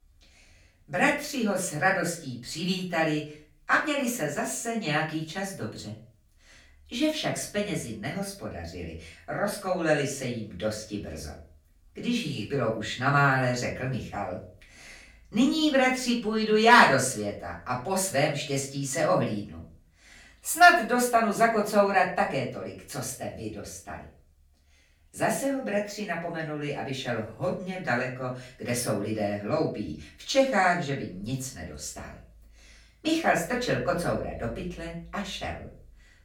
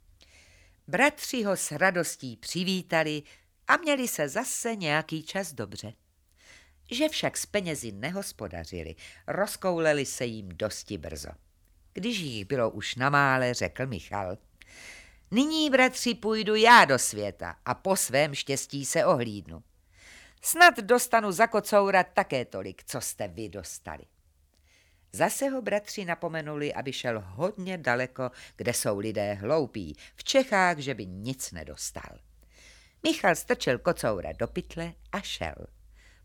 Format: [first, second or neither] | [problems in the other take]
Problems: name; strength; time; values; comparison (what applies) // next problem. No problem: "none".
second | room echo; slight; dies away in 0.4 s // off-mic speech; far